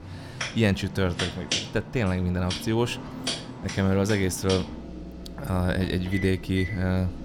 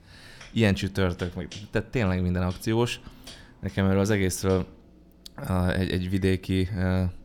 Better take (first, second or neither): second